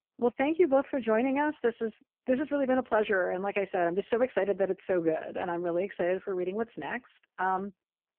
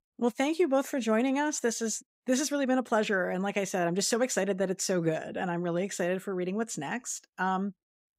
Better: second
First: phone-call audio; poor line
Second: none

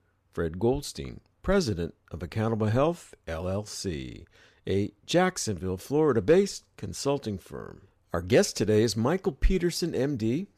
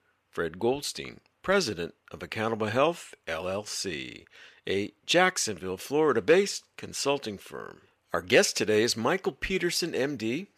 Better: first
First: none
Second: thin; very slightly; fading below 900 Hz

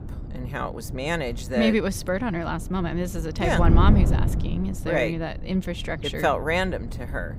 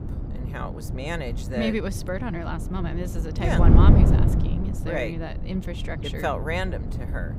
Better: first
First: wind noise on the microphone; occasional gusts; 15 dB below the speech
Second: wind noise on the microphone; heavy; 5 dB below the speech

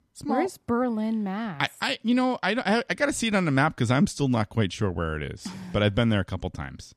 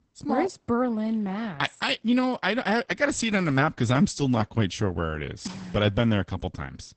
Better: first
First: none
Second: garbled, watery; badly; nothing above 8 kHz

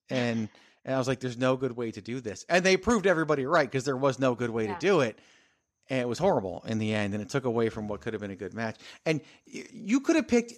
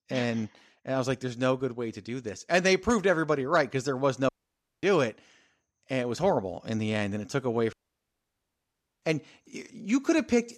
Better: first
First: none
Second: audio cutting out; at 4.5 s for 0.5 s and at 7.5 s for 1.5 s

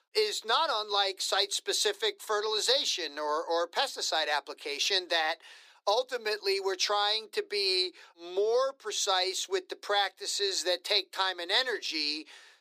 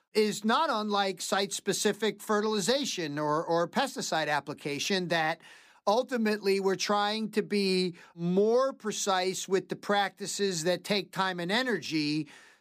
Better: second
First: thin; very; fading below 350 Hz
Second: none

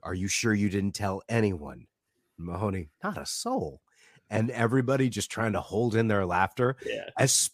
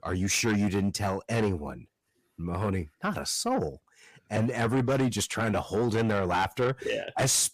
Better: first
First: none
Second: distortion; heavy; 7 dB below the speech

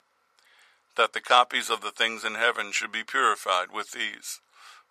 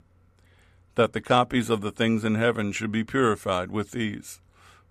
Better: second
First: thin; very; fading below 950 Hz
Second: none

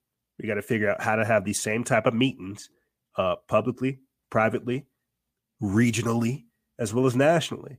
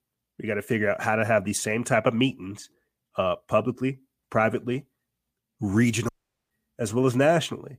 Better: first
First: none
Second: audio cutting out; at 6 s

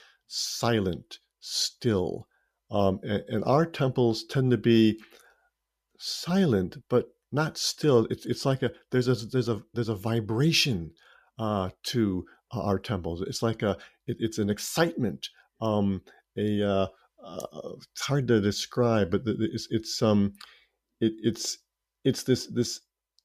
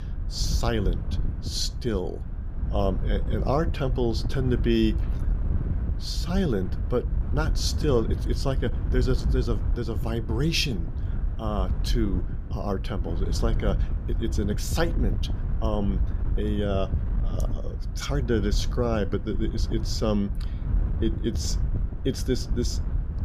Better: first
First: none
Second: wind noise on the microphone; occasional gusts; 15 dB below the speech

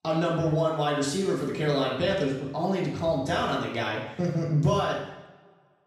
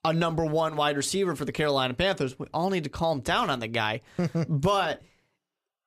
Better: second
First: room echo; noticeable; dies away in 0.9 s // off-mic speech; far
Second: none

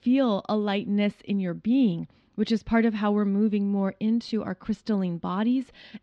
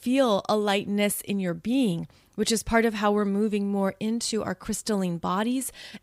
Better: second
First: muffled; very slightly; fading above 4.5 kHz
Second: none

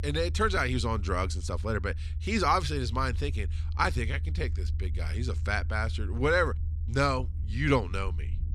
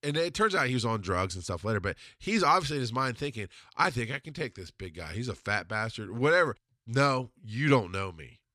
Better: second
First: low rumble; faint; throughout; 20 dB below the speech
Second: none

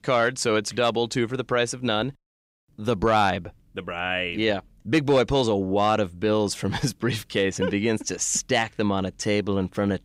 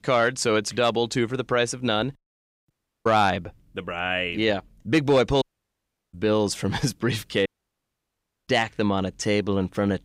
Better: first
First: none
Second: audio cutting out; at 2.5 s, at 5.5 s for 0.5 s and at 7.5 s for 1 s

